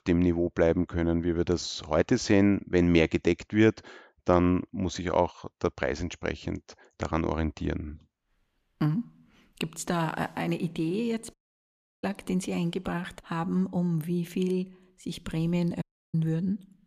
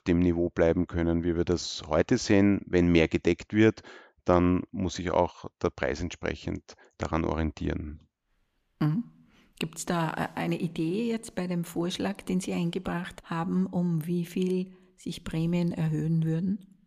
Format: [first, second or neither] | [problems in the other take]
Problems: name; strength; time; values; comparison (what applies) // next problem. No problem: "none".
second | audio cutting out; at 11 s for 0.5 s and at 16 s